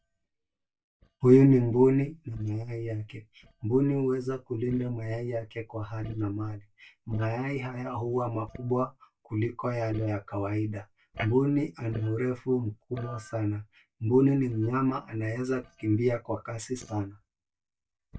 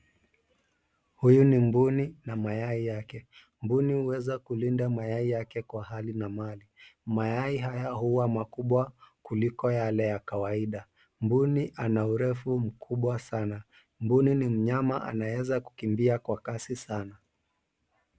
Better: second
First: noise reduction (neural mask model DeepFilterNet 3)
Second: none

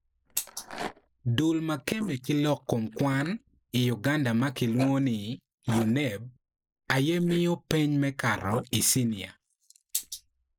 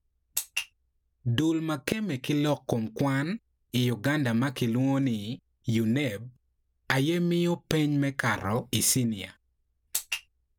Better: second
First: noise reduction (neural mask model Resemble Enhance denoiser)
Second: none

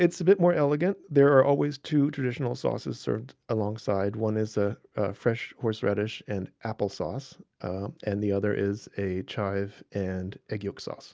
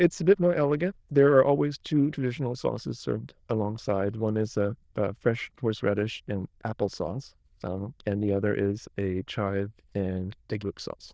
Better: first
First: none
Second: noise reduction (neural diffusion model UNIVERSE++)

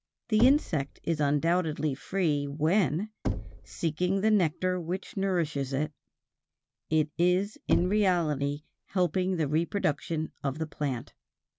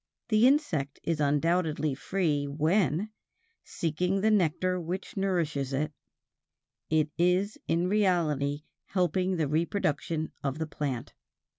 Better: second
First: background sound (Knock / Wood); 10 dB below the speech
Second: none

